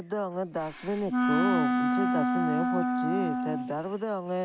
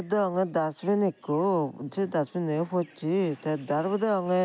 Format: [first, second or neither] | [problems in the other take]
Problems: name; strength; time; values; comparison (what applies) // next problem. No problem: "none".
second | background sound (Wind instrument, woodwind instrument); 5 dB above the speech